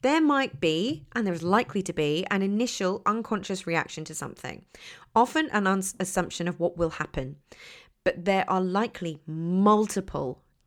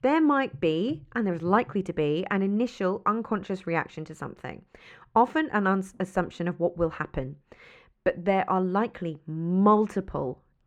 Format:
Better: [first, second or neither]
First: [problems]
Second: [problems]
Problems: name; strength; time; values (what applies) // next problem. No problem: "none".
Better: first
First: none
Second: muffled; very; fading above 3.5 kHz